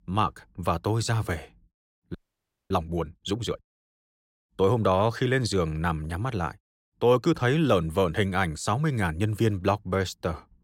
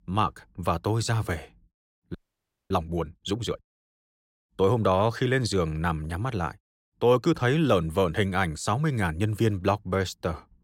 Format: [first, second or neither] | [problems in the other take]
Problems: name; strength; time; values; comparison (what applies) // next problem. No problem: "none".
neither | audio freezing; at 2 s for 0.5 s; the same in both